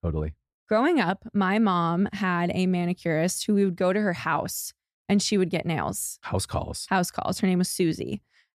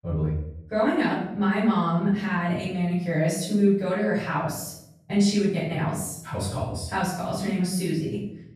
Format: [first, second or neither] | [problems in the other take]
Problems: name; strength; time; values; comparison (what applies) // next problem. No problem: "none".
first | room echo; noticeable; dies away in 0.7 s // off-mic speech; far